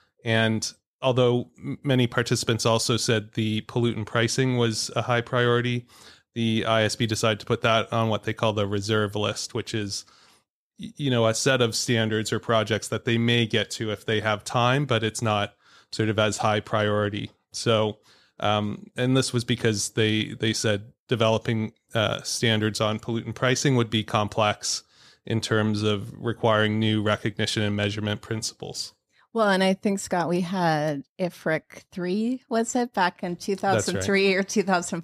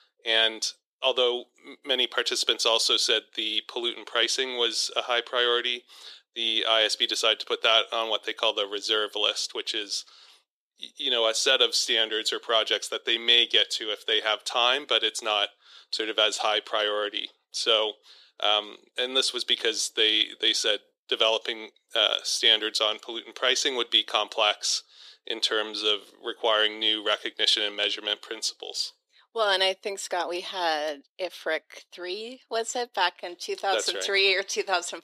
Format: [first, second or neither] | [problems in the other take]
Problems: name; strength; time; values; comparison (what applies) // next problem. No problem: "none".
first | thin; very; fading below 350 Hz